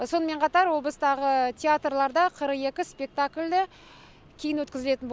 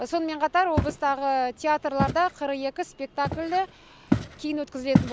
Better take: first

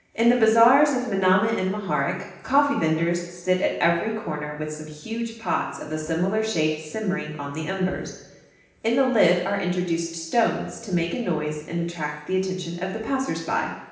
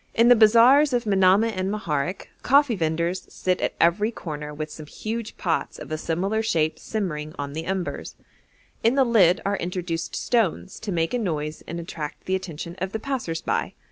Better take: second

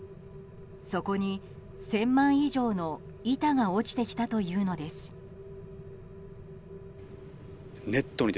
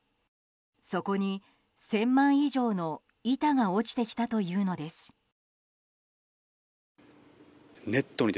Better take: second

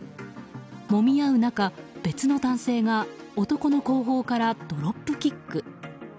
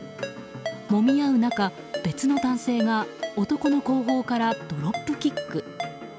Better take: first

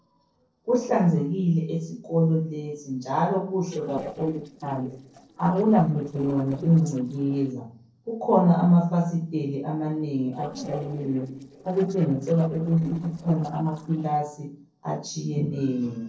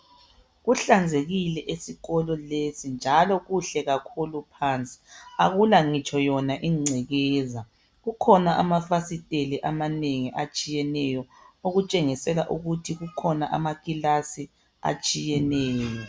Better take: second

